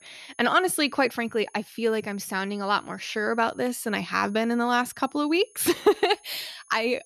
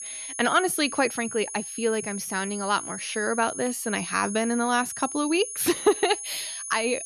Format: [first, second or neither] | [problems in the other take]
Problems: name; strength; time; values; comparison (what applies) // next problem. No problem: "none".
first | high-pitched whine; loud; throughout; 10 kHz, 8 dB below the speech; faint in the first